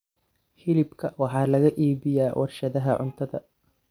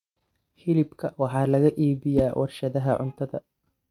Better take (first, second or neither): first